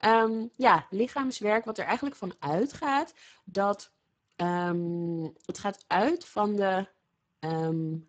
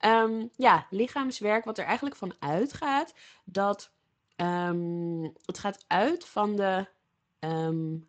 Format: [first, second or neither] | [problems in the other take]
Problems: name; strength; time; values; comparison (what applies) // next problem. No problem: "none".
second | garbled, watery; badly; nothing above 7.5 kHz; slightly in the second